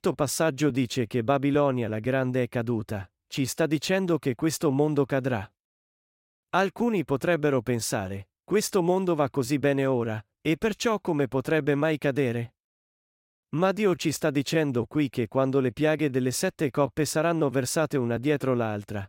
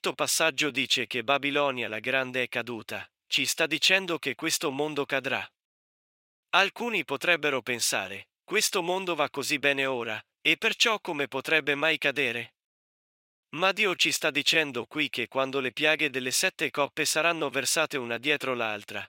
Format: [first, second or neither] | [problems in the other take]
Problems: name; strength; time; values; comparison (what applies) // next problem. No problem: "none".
first | thin; somewhat; fading below 1 kHz